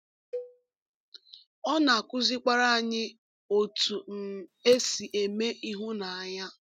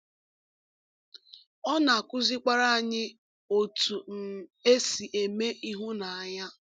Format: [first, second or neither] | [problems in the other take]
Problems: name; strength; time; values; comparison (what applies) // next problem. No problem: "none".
second | noise reduction (neural mask model RNNoise)